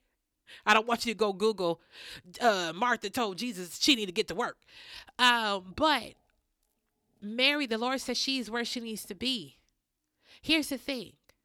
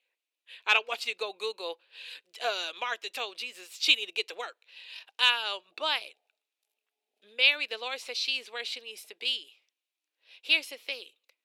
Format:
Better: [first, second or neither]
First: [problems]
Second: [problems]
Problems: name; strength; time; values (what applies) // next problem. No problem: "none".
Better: first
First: none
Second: thin; very; fading below 450 Hz